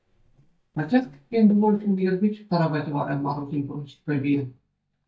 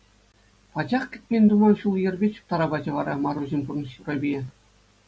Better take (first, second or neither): second